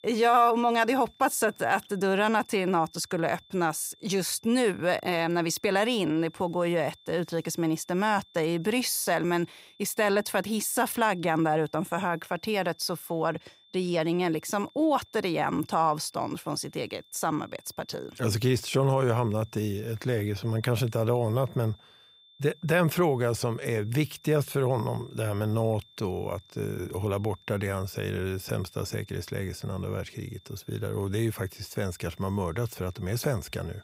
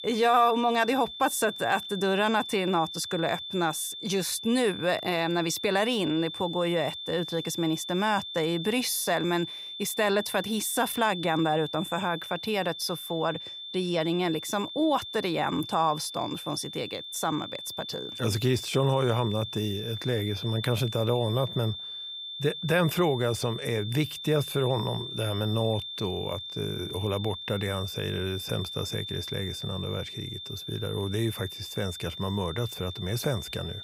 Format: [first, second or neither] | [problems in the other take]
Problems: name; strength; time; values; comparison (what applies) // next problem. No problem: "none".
first | high-pitched whine; loud; throughout; 3.5 kHz, 8 dB below the speech; faint in the first